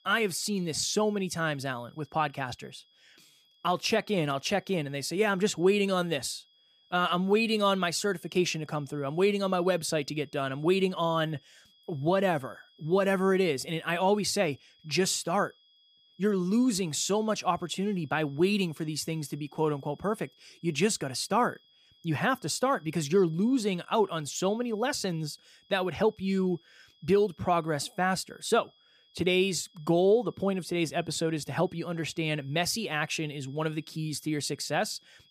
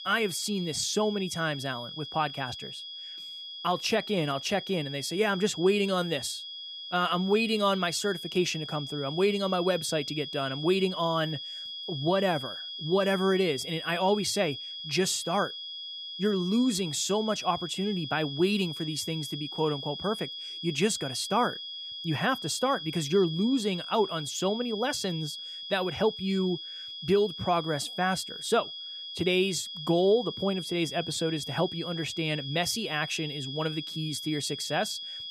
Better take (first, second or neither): first